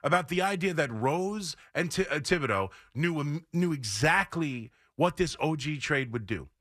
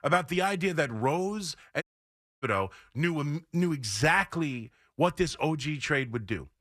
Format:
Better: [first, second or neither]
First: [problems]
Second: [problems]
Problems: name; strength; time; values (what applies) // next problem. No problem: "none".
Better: first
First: none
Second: audio cutting out; at 2 s for 0.5 s